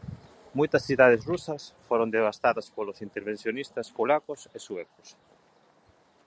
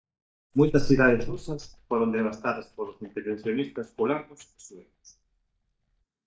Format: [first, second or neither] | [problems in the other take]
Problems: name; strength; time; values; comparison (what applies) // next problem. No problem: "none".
first | noise reduction (neural mask model DeepFilterNet 3)